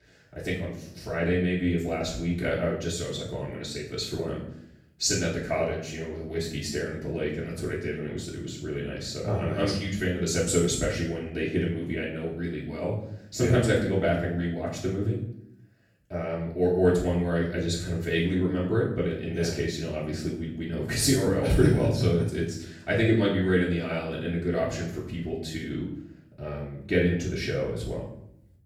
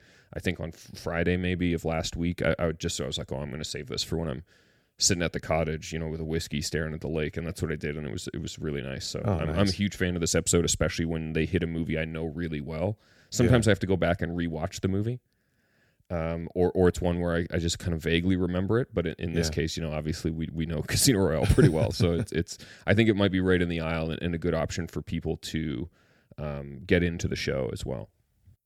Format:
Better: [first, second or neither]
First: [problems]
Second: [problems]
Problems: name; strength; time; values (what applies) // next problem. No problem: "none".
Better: second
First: off-mic speech; far // room echo; noticeable; dies away in 0.6 s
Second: none